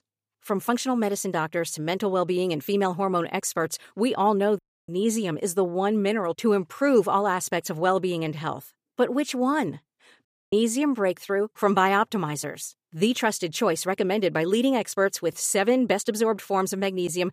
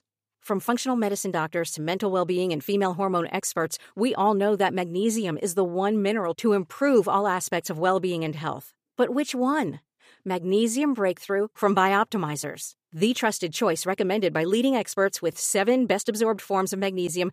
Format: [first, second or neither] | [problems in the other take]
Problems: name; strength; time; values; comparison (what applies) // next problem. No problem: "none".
second | audio cutting out; at 4.5 s and at 10 s